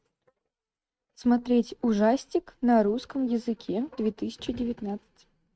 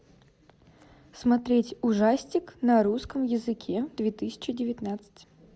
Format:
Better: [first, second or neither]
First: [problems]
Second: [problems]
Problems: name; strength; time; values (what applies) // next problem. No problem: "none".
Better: second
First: noise reduction (neural mask model RNNoise)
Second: none